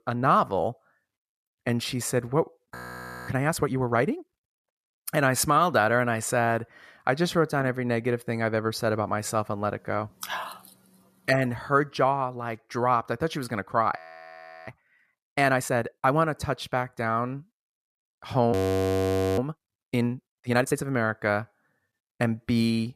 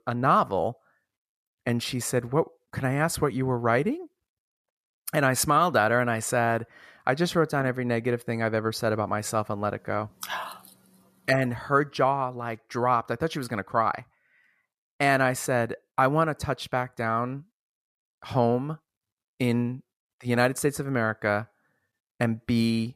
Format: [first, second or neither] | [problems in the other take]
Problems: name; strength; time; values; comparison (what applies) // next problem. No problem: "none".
second | audio freezing; at 3 s for 0.5 s, at 14 s for 0.5 s and at 19 s for 1 s